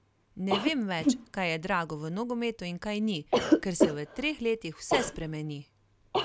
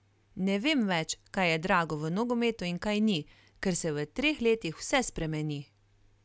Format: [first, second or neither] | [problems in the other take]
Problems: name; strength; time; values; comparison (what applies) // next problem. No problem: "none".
second | background sound (Cough); 1 dB above the speech